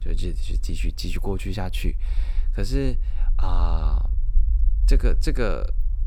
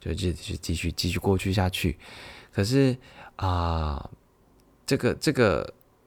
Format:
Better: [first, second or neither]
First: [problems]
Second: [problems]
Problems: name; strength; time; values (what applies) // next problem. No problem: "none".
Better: second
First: low rumble; noticeable; throughout; 20 dB below the speech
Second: none